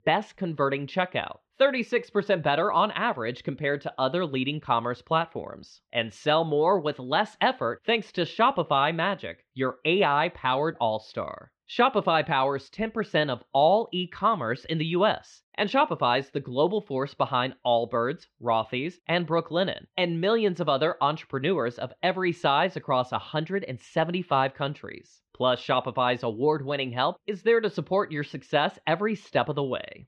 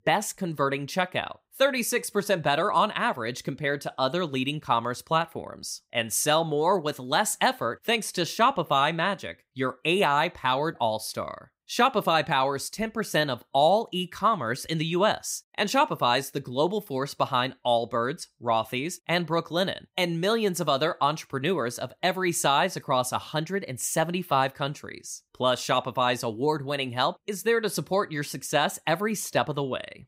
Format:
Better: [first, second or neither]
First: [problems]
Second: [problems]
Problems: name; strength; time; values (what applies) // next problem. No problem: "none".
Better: second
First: muffled; slightly; fading above 3.5 kHz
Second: none